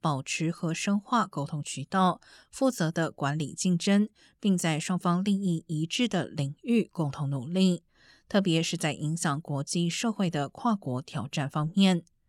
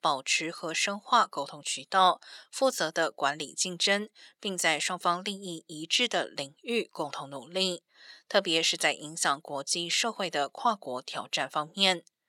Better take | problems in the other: first | thin; very; fading below 550 Hz

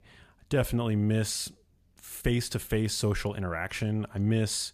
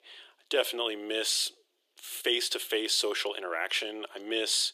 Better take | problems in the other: first | thin; very; fading below 350 Hz

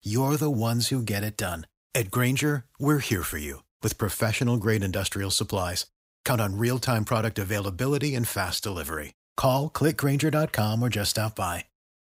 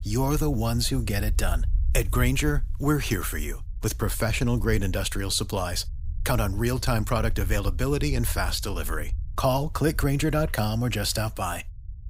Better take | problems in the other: first | low rumble; faint; throughout; 25 dB below the speech

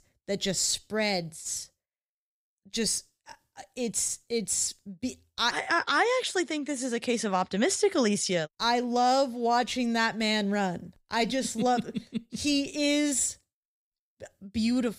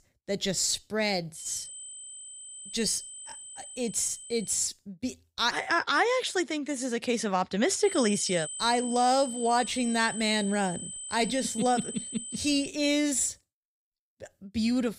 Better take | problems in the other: first | high-pitched whine; loud; from 1.5 to 4.5 s and from 8 to 13 s; 8 kHz, 9 dB below the speech

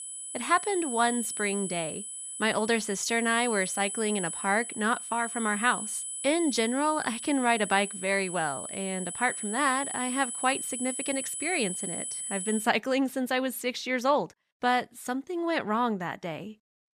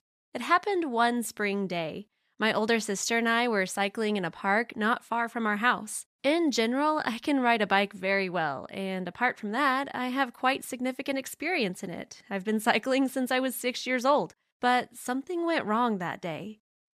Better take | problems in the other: second | high-pitched whine; loud; until 13 s; 10 kHz, 5 dB below the speech

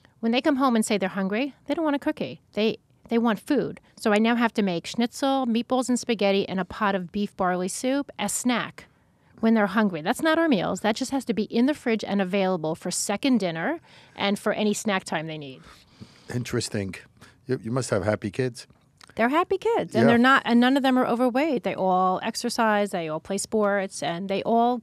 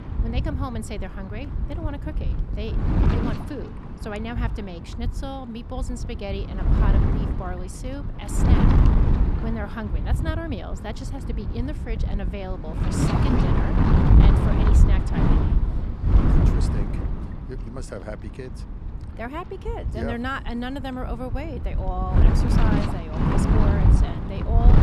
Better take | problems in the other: first | wind noise on the microphone; heavy; 3 dB above the speech

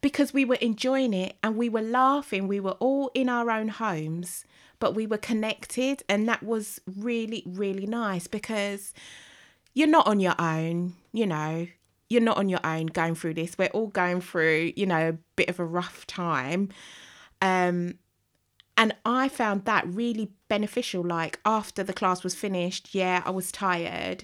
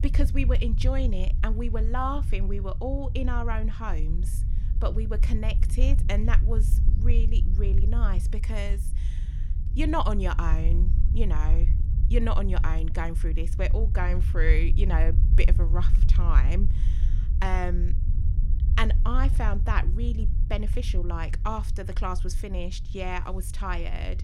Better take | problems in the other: first | low rumble; noticeable; throughout; 10 dB below the speech

